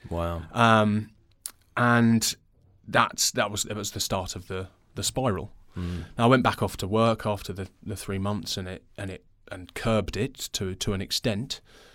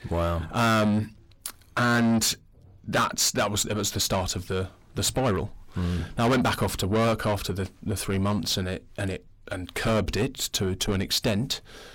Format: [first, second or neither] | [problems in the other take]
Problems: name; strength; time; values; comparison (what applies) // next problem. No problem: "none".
first | distortion; heavy; 6 dB below the speech